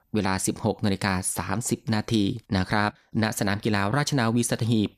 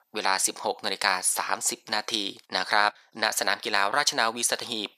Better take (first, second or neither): first